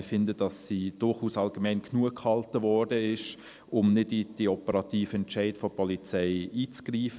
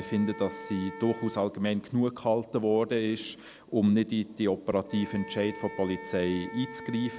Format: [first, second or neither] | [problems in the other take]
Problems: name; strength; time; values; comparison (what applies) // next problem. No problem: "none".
first | background sound (Wind instrument, woodwind instrument); 16 dB below the speech